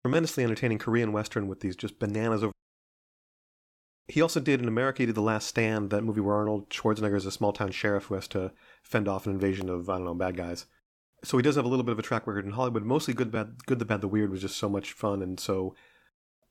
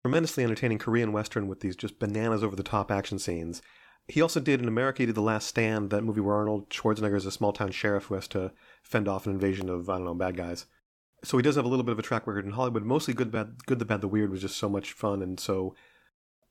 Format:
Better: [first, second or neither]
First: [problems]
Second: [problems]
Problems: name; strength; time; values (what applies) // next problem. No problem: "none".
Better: second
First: audio cutting out; at 2.5 s for 1.5 s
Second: none